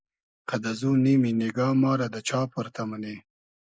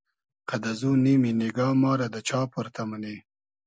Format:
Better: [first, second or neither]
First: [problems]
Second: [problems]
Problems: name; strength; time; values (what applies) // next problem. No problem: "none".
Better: second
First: noise reduction (neural mask model Resemble Enhance denoiser)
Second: none